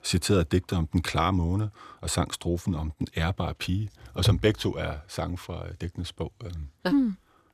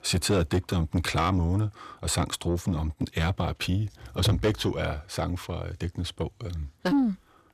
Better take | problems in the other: first | distortion; slight; 10 dB below the speech

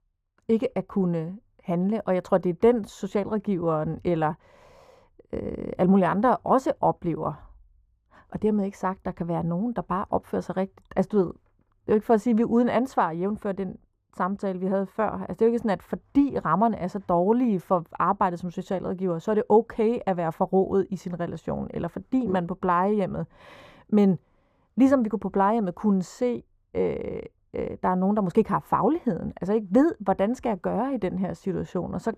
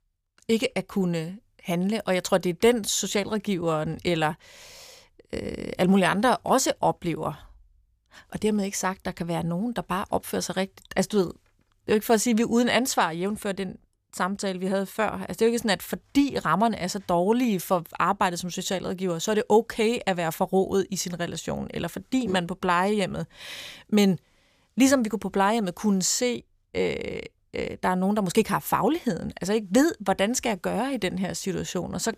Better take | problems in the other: second | muffled; very; fading above 2 kHz

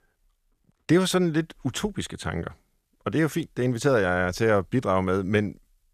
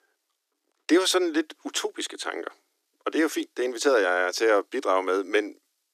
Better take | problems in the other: first | thin; somewhat; fading below 300 Hz

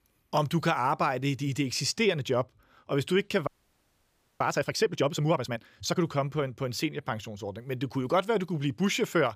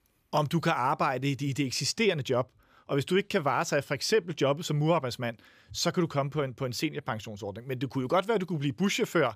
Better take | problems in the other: second | audio freezing; at 3.5 s for 1 s

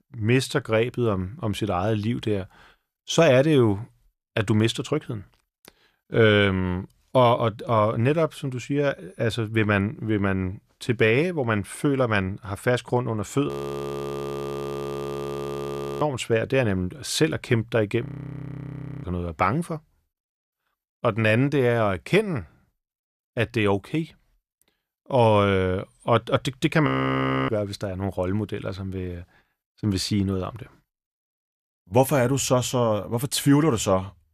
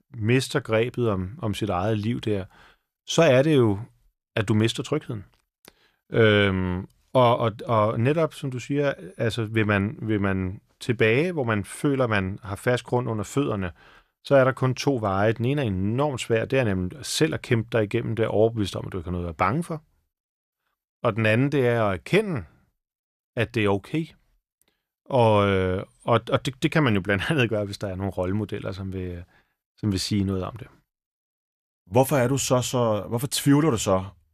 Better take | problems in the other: second | audio freezing; at 13 s for 2.5 s, at 18 s for 1 s and at 27 s for 0.5 s

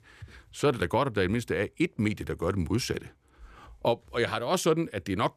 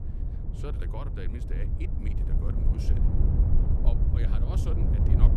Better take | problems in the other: first | wind noise on the microphone; heavy; 2 dB above the speech

